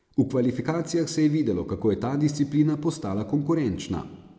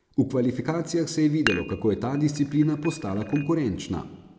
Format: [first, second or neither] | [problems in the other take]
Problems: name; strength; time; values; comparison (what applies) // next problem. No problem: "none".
first | background sound (Dishes, pots, and pans); 12 dB below the speech